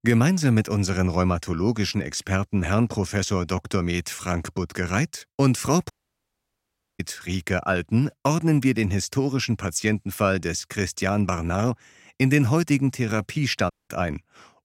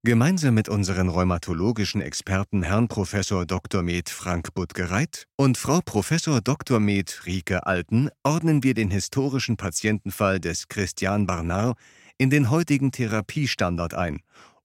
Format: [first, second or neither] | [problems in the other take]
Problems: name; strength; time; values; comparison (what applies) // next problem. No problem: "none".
second | audio cutting out; at 6 s for 1 s and at 14 s